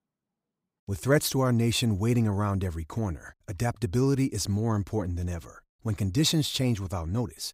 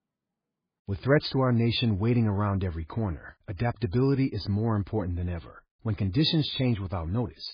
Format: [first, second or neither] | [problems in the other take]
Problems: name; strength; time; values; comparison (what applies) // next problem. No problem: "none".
first | garbled, watery; badly; nothing above 4.5 kHz